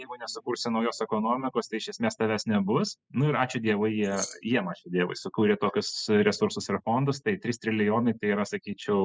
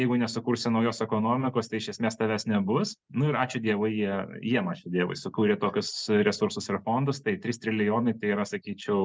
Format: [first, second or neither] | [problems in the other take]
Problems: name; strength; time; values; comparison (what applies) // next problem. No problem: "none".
second | noise reduction (classical method spectral subtraction)